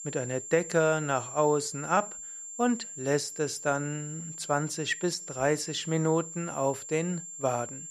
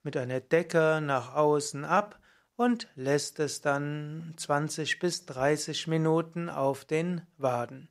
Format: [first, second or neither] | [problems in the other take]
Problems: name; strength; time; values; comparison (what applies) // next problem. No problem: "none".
second | high-pitched whine; loud; throughout; 7.5 kHz, 9 dB below the speech